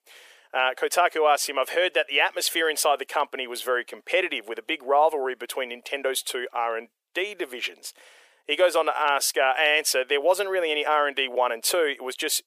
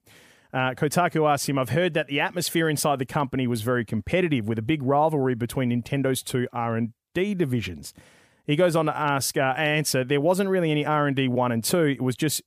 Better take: second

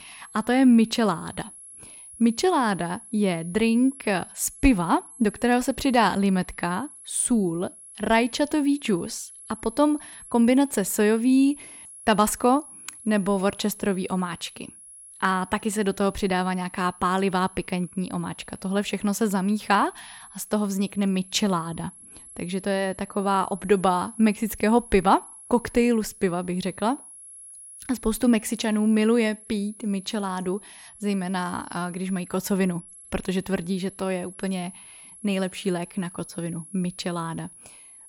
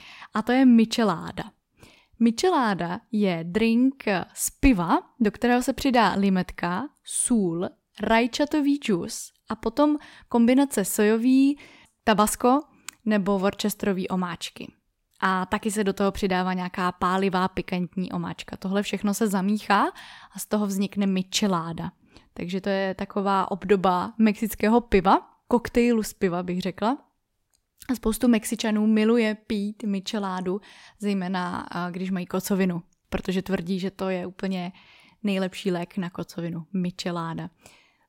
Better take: second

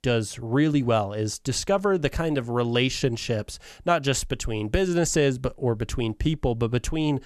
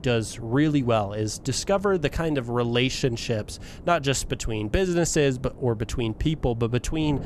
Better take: first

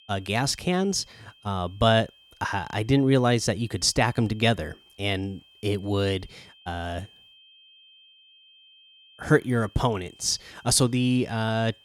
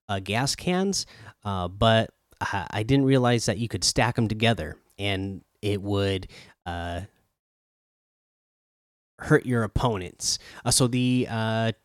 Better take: second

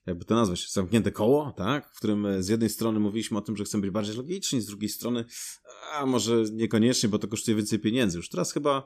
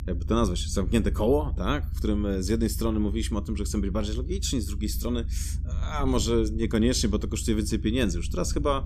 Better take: first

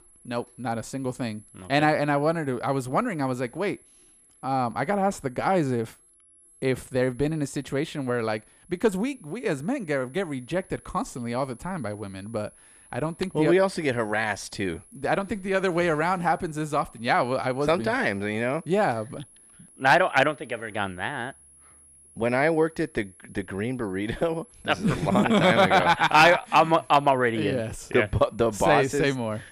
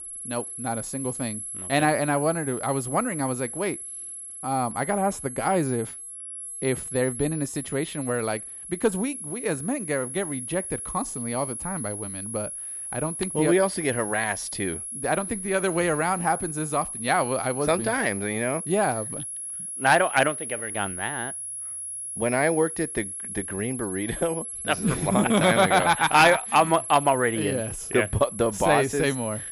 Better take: first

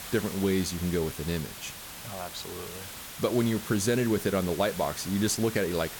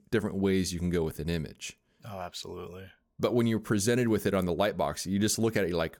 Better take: second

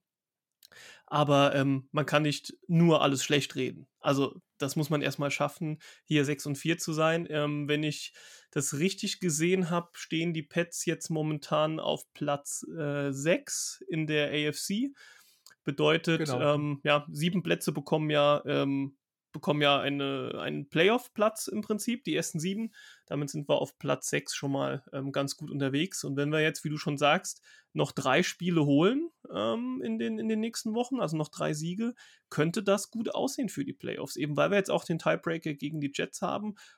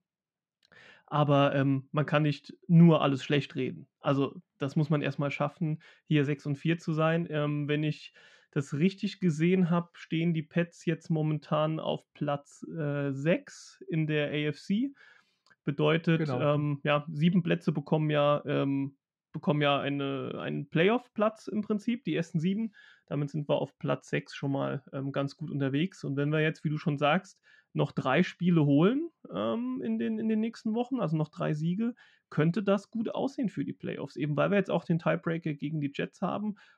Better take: first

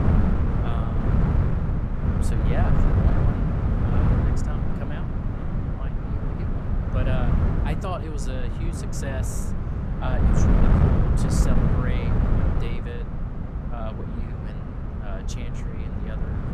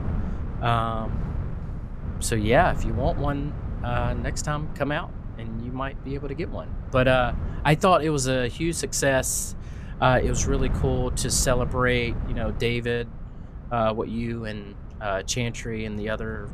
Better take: second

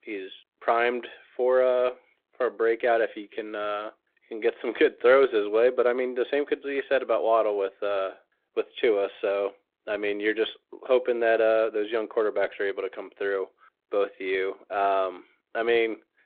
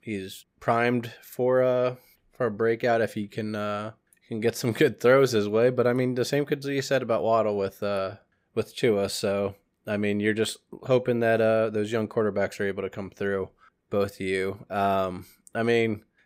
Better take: second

